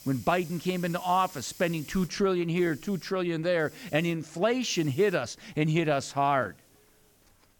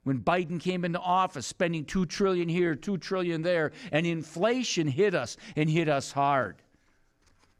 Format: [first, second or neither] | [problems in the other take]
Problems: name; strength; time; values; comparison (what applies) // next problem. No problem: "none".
second | hiss; faint; throughout; 20 dB below the speech